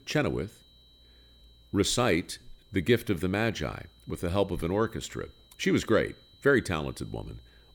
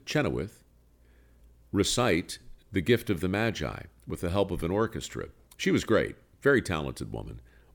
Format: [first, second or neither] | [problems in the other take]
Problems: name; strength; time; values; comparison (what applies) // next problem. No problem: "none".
second | high-pitched whine; faint; throughout; 4 kHz, 30 dB below the speech